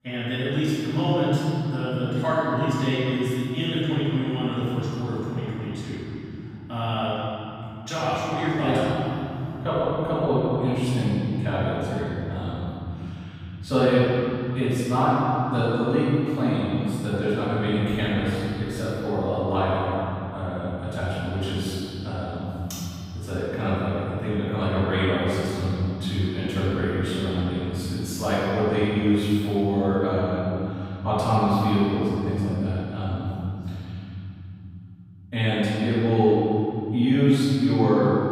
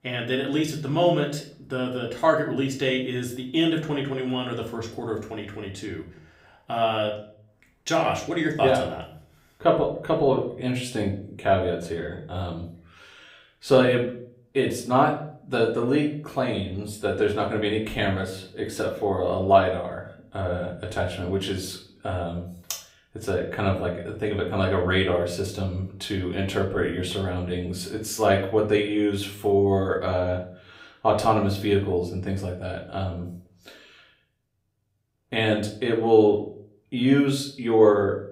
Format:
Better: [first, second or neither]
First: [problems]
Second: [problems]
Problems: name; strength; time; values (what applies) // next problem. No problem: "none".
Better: second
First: room echo; strong; dies away in 3 s // off-mic speech; far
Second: room echo; slight; dies away in 0.4 s // off-mic speech; far